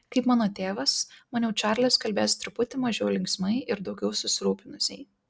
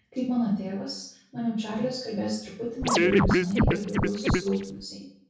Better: first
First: none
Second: background sound (Scratching (performance technique)); 5 dB above the speech // room echo; dies away in 0.6 s

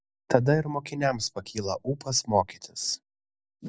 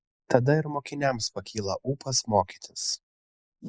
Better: first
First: none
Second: noise reduction (neural mask model Resemble Enhance denoiser)

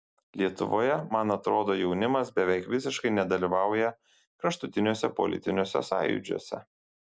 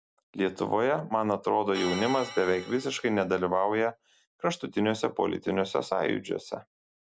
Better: first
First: none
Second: background sound (Organ); 13 dB below the speech

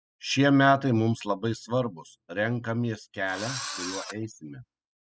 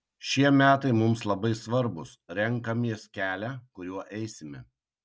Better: second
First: noise reduction (classical method spectral subtraction)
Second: none

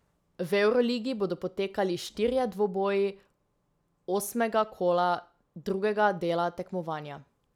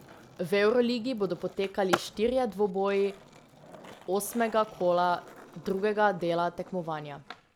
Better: first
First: none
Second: background sound (Skateboard); 14 dB below the speech

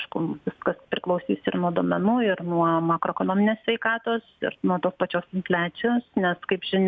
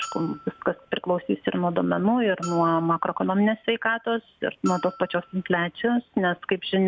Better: first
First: none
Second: background sound (Bell); 19 dB below the speech

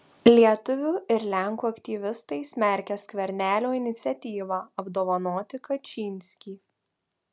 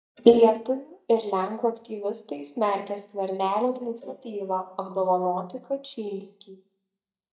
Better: first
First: none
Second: noise reduction (neural mask model DeepFilterNet 3)

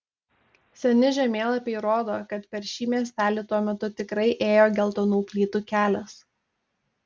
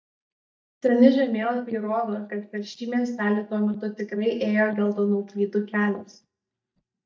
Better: first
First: none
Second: noise reduction (neural mask model DeepFilterNet 3)

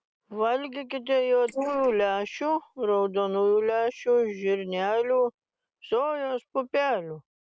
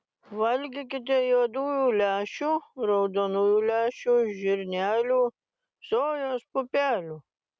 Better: second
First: noise reduction (neural mask model Resemble Enhance denoiser)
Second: none

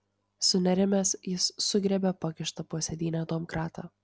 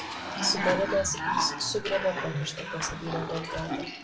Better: first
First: none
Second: background sound (Cough); 1 dB below the speech // room echo; dies away in 0.2 s

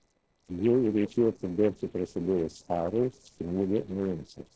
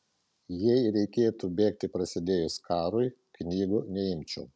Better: second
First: noise reduction (neural separator model SepFormer DNS4)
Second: none

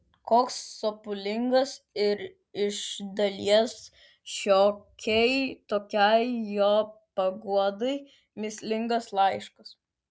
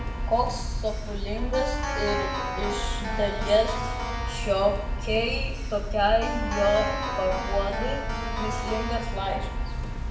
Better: first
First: none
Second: background sound (Keyboard (musical)); as loud as the speech // room echo; dies away in 0.8 s

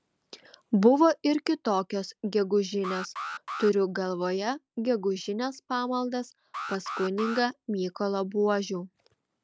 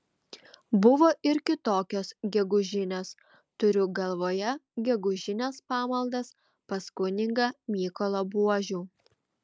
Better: second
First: background sound (Alarm); 11 dB below the speech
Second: none

